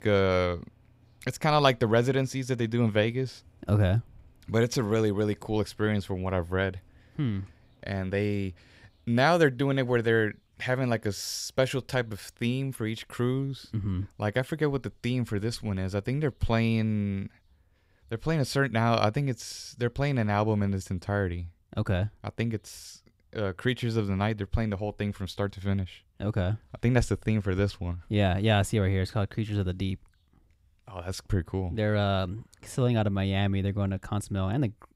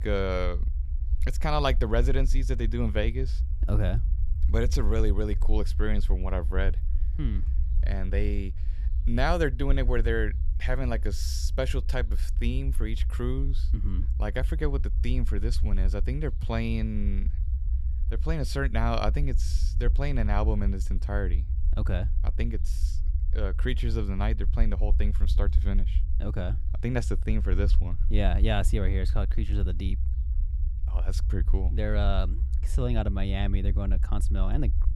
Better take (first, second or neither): first